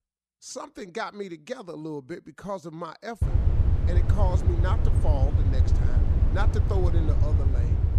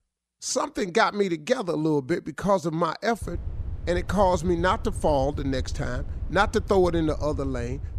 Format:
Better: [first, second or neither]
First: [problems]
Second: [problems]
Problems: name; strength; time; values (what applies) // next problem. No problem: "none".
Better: second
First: low rumble; loud; from 3 s on; 3 dB below the speech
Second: low rumble; faint; from 3 s on; 25 dB below the speech